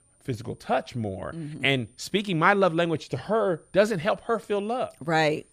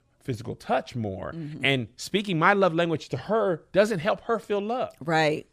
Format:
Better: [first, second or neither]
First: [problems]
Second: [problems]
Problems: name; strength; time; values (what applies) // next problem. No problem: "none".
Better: second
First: high-pitched whine; faint; throughout; 9 kHz, 35 dB below the speech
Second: none